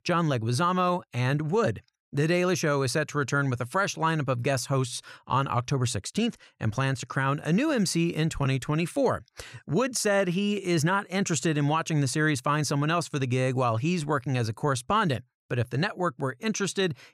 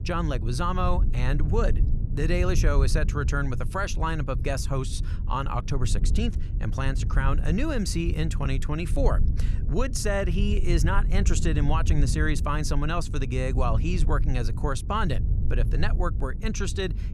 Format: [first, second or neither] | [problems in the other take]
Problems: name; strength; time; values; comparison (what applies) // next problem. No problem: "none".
first | low rumble; noticeable; throughout; 15 dB below the speech